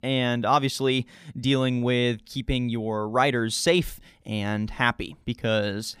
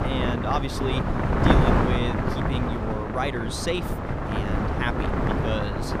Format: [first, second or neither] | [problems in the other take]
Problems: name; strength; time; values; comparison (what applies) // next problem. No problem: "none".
first | wind noise on the microphone; heavy; 3 dB above the speech